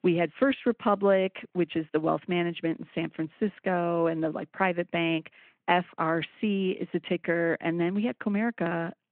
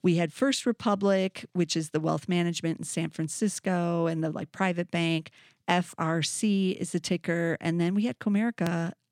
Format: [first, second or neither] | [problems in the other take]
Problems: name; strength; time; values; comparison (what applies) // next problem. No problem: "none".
second | phone-call audio